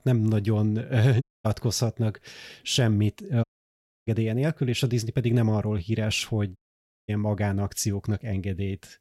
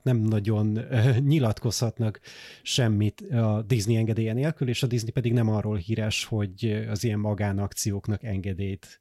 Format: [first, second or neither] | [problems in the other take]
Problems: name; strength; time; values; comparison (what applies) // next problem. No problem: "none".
second | audio cutting out; at 1 s, at 3.5 s for 0.5 s and at 6.5 s for 0.5 s